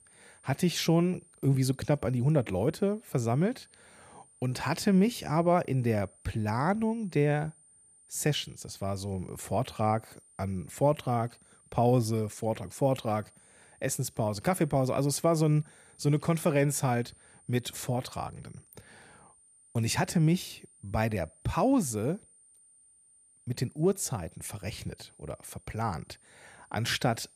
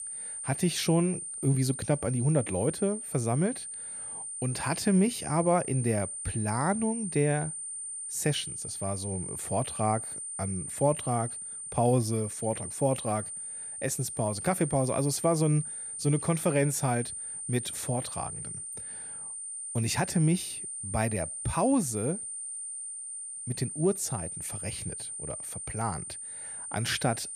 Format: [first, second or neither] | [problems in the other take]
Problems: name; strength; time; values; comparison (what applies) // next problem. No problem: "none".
first | high-pitched whine; loud; throughout; 9 kHz, 6 dB below the speech; faint in the first